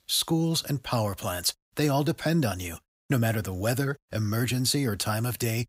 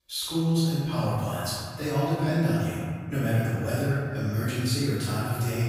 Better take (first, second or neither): first